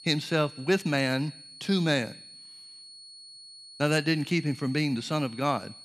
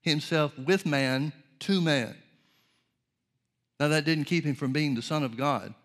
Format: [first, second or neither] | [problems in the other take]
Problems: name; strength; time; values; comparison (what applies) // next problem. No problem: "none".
second | high-pitched whine; noticeable; throughout; 4.5 kHz, 20 dB below the speech